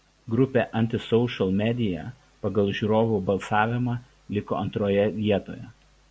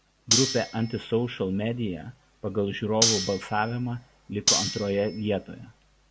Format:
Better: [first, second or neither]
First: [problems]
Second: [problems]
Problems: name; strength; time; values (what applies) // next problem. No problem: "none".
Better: first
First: none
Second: background sound (Cutlery, silverware); 1 dB below the speech